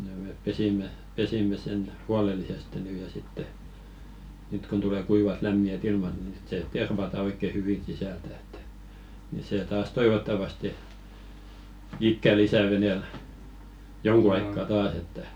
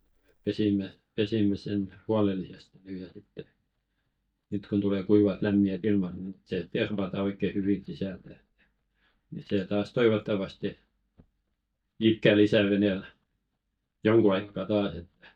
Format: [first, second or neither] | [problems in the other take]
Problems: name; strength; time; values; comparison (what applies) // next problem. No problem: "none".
first | noise reduction (neural mask model DeepFilterNet 3)